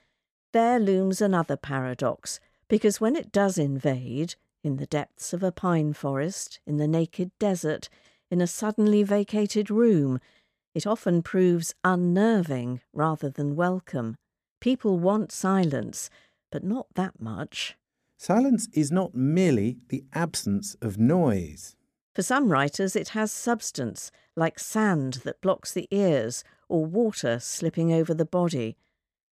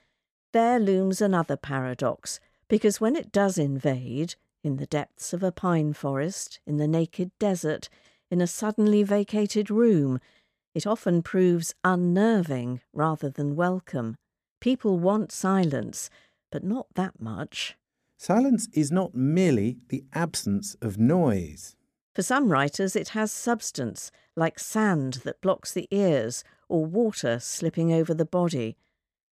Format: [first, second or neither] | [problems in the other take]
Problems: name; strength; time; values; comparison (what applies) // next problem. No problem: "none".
neither | none